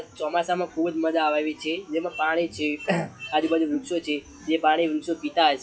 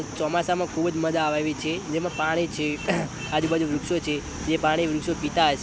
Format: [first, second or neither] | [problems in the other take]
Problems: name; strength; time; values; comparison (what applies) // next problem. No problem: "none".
second | noise reduction (classical method WPE with log-MMSE)